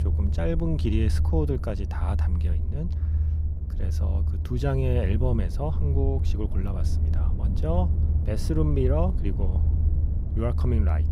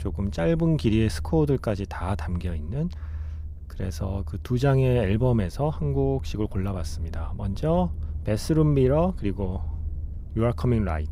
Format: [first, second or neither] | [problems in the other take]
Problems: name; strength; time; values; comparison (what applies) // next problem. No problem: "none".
second | low rumble; loud; throughout; 9 dB below the speech; faint in the second